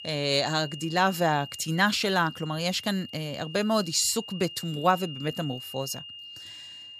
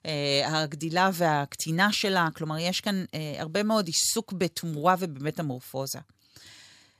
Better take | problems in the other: second | high-pitched whine; noticeable; throughout; 3 kHz, 15 dB below the speech

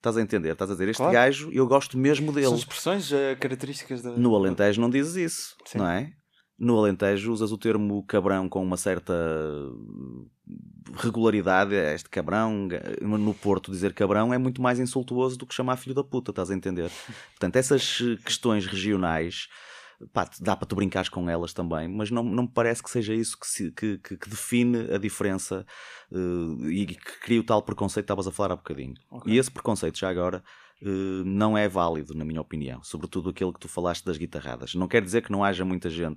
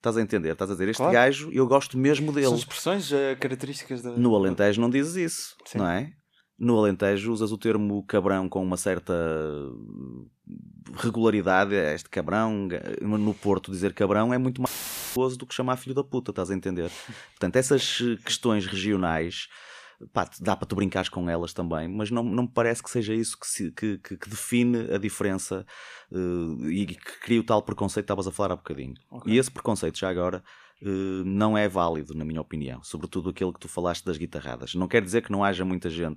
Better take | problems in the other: first | audio cutting out; filled with static; at 15 s for 0.5 s

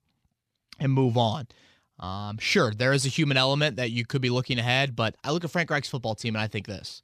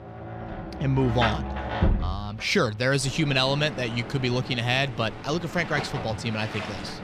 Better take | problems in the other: first | rain or running water; loud; throughout; 7 dB below the speech

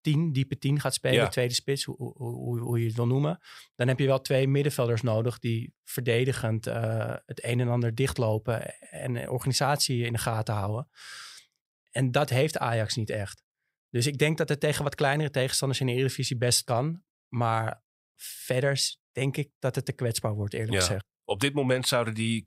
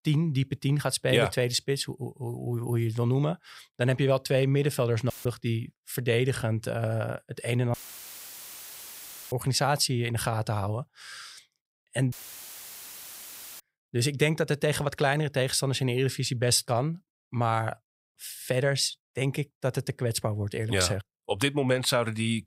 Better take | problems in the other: first | audio cutting out; filled with static; at 5 s, at 7.5 s for 1.5 s and at 12 s for 1.5 s

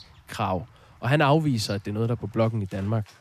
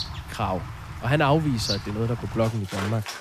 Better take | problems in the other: first | animal sounds; loud; throughout; 9 dB below the speech; faint in the first

